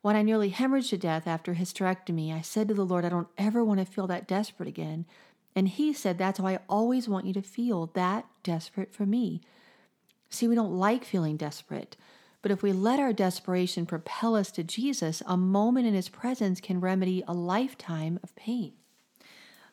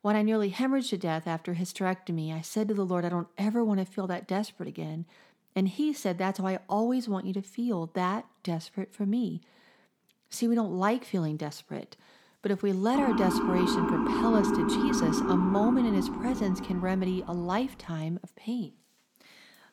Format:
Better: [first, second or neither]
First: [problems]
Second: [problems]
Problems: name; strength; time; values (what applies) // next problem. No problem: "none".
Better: first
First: none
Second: siren; loud; from 13 to 17 s; peak 3 dB above the speech